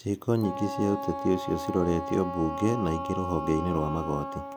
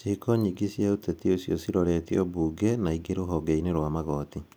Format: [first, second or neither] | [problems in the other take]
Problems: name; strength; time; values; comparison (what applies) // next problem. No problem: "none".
second | background sound (Wind instrument, woodwind instrument); 7 dB below the speech